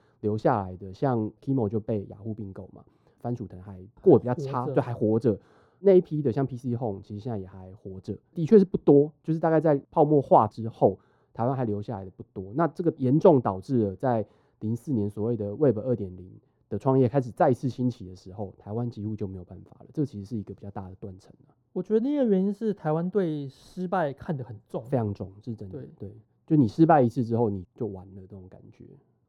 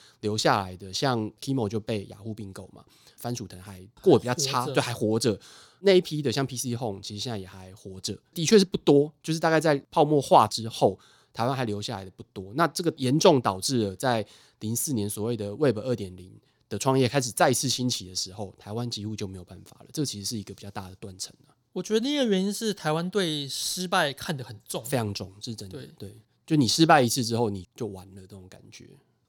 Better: second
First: muffled; very; fading above 2 kHz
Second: none

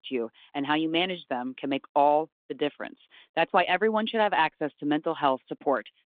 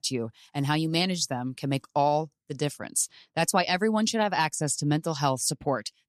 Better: second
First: phone-call audio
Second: none

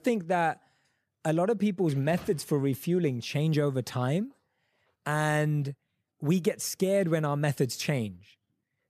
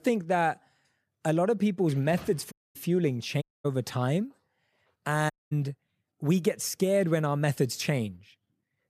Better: first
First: none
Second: audio cutting out; at 2.5 s, at 3.5 s and at 5.5 s

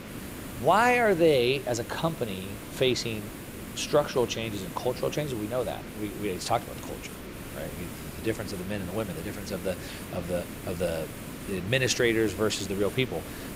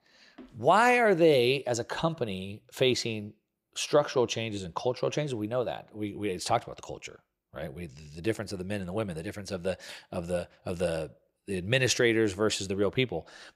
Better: second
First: hiss; noticeable; throughout; 10 dB below the speech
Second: none

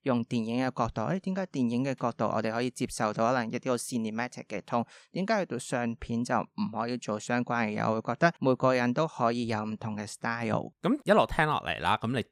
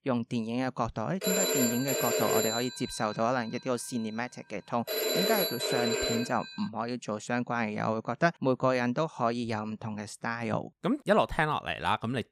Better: first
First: none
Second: phone ringing; loud; from 1 to 6.5 s; peak 5 dB above the speech

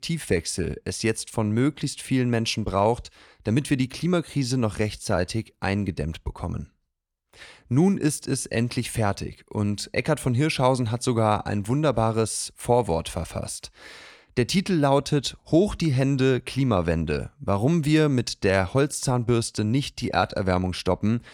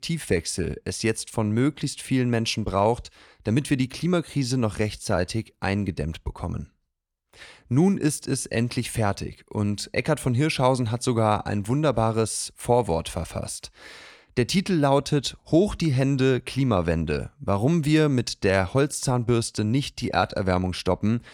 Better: neither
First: none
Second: none

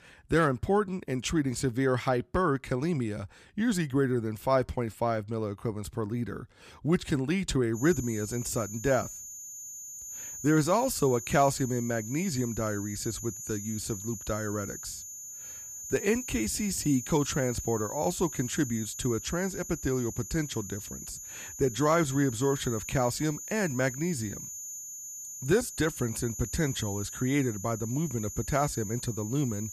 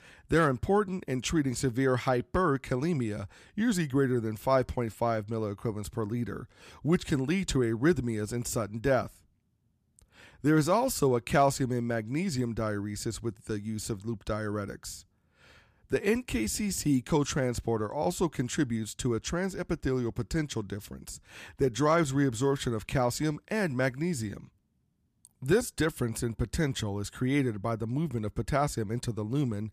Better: second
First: high-pitched whine; loud; from 8 s on; 7 kHz, 9 dB below the speech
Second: none

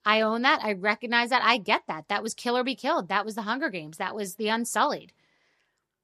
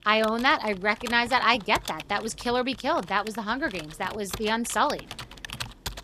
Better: first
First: none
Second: keyboard typing; noticeable; peak 9 dB below the speech

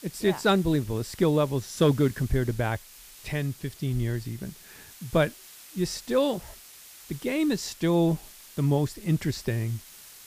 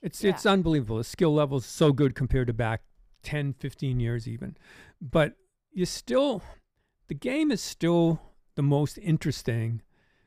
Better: second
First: hiss; noticeable; throughout; 20 dB below the speech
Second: none

